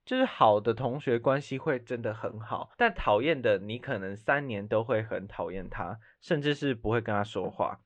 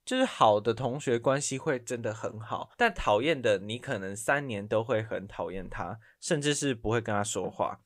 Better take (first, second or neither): second